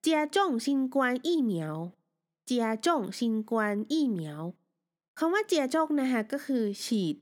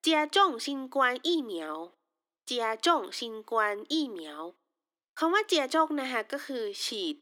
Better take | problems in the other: first | thin; somewhat; fading below 300 Hz

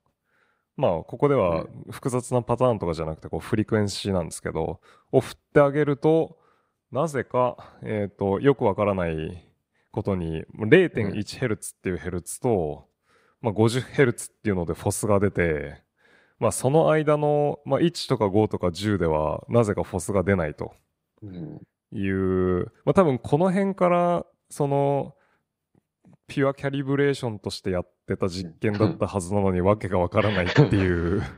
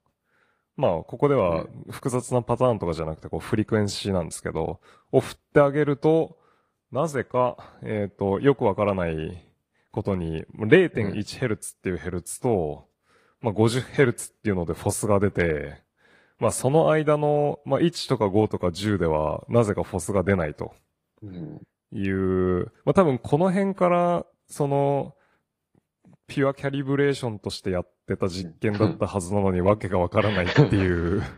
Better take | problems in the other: first | garbled, watery; slightly; nothing above 15 kHz

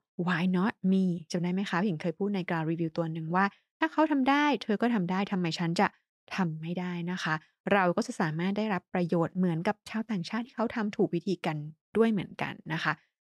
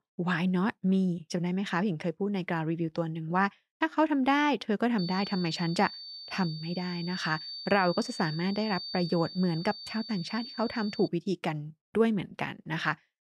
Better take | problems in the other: first | high-pitched whine; loud; from 5 to 11 s; 4.5 kHz, 10 dB below the speech

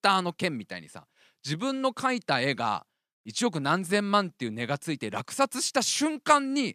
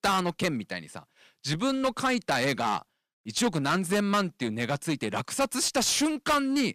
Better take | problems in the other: first | distortion; heavy; 10% of the sound clipped

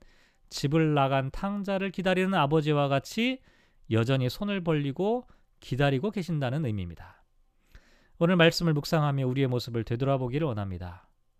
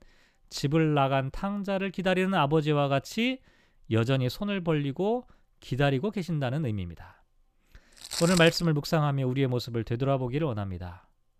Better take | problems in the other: first | footsteps; noticeable; at 8 s; peak 4 dB below the speech

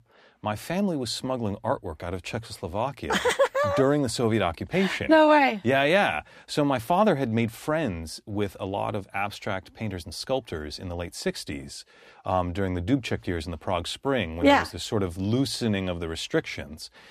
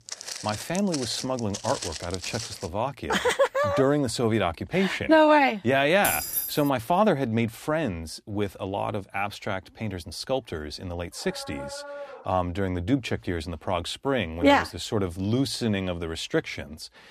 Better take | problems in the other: first | footsteps; noticeable; until 2.5 s; peak 7 dB below the speech // jangling keys; loud; at 6 s; peak level with the speech // dog barking; faint; from 11 to 12 s; peak 10 dB below the speech

